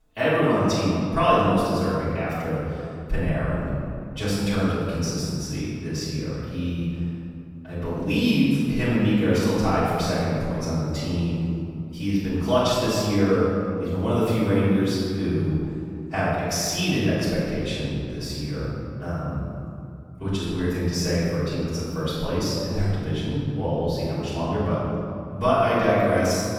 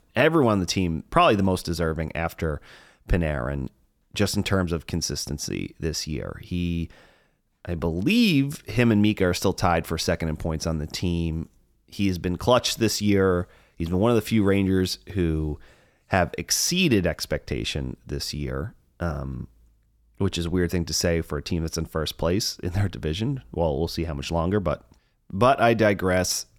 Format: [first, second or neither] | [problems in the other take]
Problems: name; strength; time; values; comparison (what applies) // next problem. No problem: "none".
second | off-mic speech; far // room echo; strong; dies away in 2.4 s